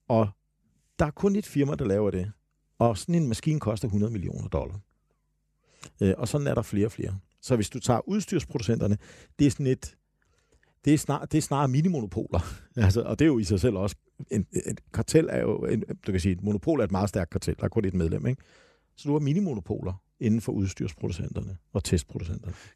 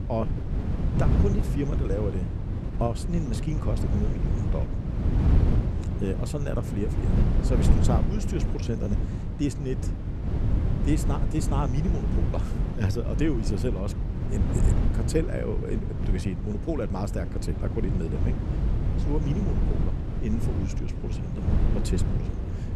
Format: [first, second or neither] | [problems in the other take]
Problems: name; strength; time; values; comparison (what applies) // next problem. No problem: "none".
first | wind noise on the microphone; heavy; 3 dB below the speech